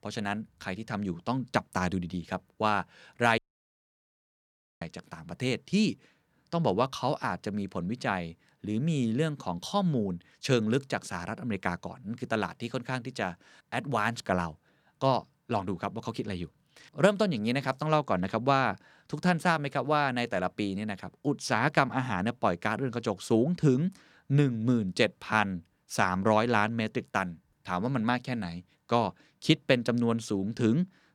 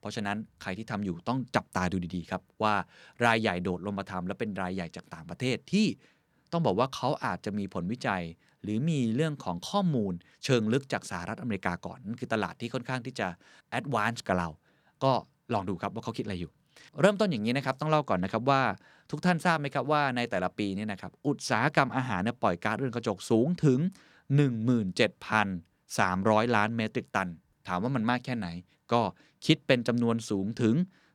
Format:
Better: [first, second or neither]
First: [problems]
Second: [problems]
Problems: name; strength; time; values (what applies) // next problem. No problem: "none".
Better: second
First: audio cutting out; at 3.5 s for 1.5 s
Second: none